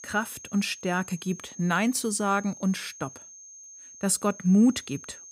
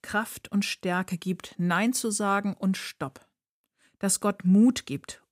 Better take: second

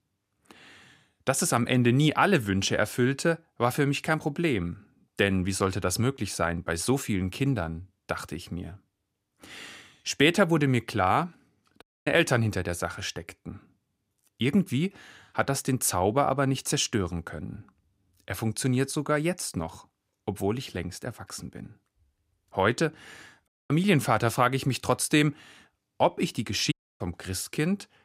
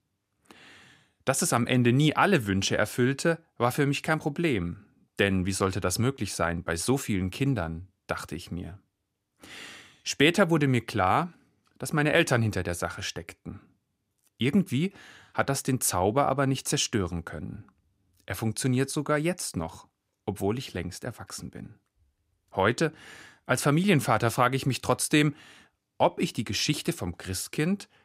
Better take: second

